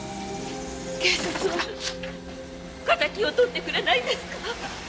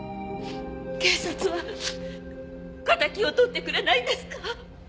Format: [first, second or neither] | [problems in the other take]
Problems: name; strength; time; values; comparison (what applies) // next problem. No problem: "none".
second | background sound (Truck); 10 dB below the speech